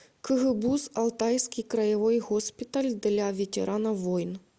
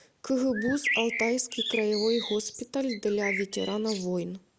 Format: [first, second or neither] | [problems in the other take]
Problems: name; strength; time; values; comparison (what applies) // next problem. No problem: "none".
first | background sound (Bird); 5 dB below the speech